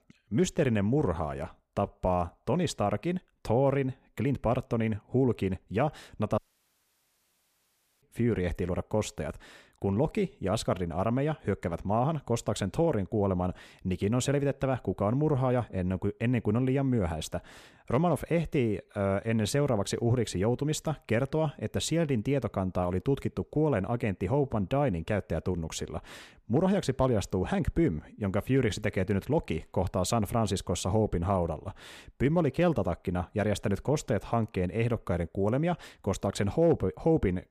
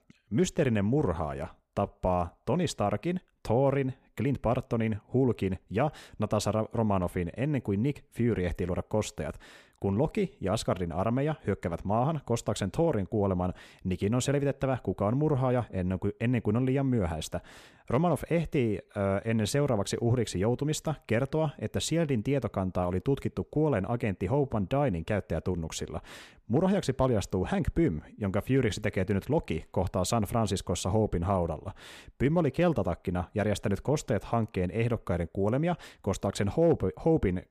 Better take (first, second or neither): second